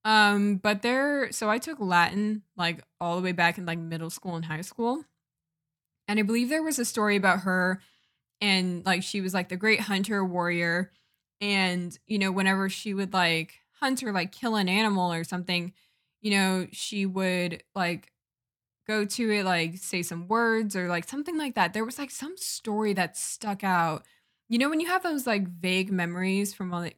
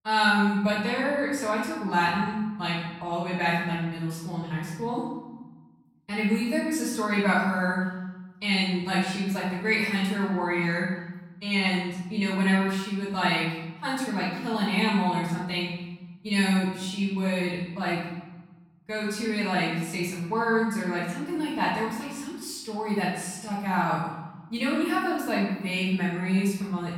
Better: first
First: none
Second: off-mic speech; far // room echo; noticeable; dies away in 1.3 s

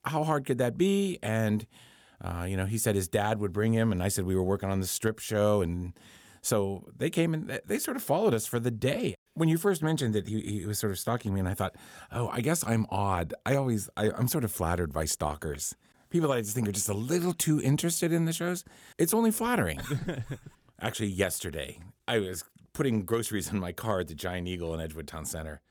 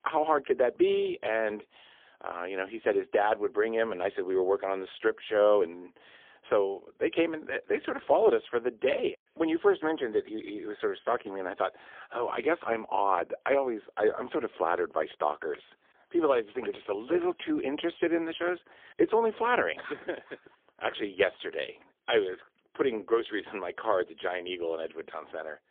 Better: first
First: none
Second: phone-call audio; poor line; nothing above 3.5 kHz

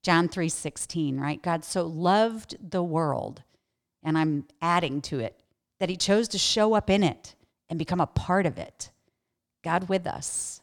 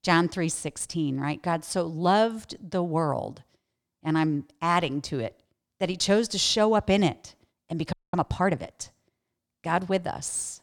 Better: first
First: none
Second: audio freezing; at 8 s

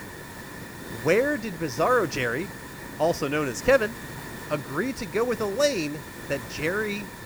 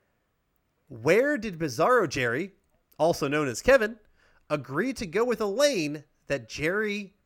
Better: second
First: hiss; noticeable; throughout; 10 dB below the speech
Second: none

